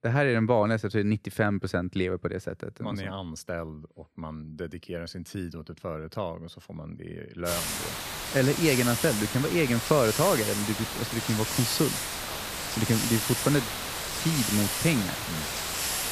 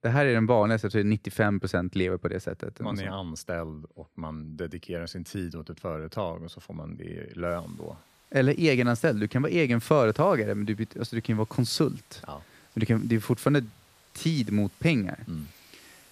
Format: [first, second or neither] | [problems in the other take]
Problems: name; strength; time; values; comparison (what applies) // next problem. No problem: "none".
second | hiss; loud; from 7.5 s on; 2 dB below the speech; faint in the second